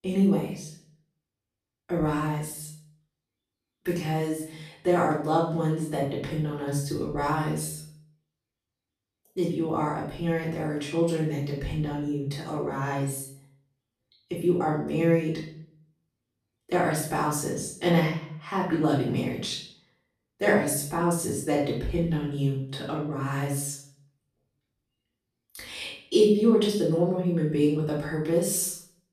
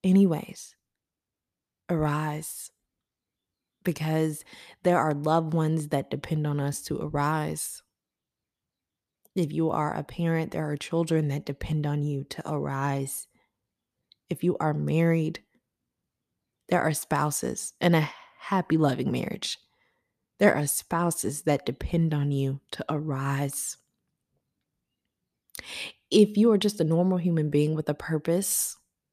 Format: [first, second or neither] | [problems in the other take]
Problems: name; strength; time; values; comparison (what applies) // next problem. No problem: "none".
second | off-mic speech; far // room echo; noticeable; dies away in 0.5 s